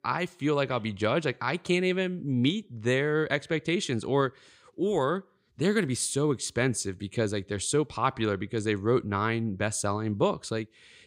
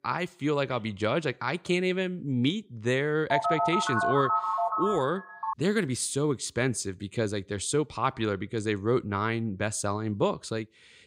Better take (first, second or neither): first